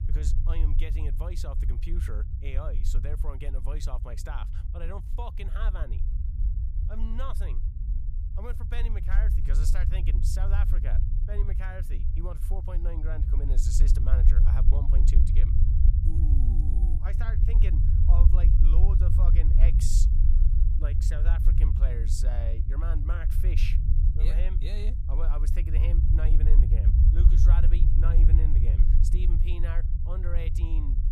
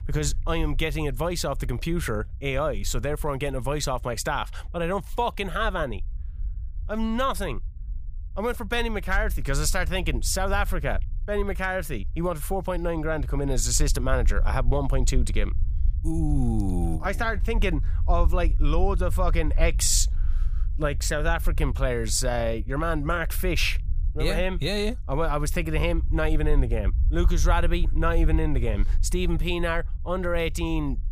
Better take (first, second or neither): second